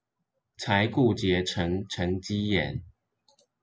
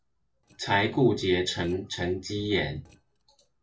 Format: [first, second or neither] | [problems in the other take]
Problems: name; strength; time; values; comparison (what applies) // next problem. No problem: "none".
first | noise reduction (neural separator model SepFormer DNS4)